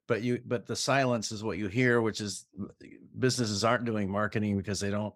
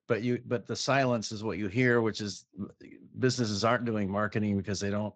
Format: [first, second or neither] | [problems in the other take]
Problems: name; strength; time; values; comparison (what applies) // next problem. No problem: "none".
first | garbled, watery; slightly; nothing above 7.5 kHz